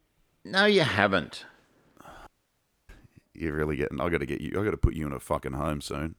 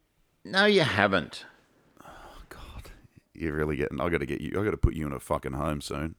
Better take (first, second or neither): second